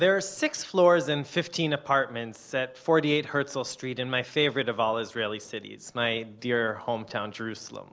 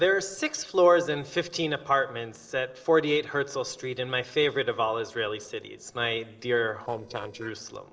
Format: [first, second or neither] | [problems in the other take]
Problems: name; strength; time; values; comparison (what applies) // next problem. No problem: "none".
first | noise reduction (neural separator model SepFormer DNS4)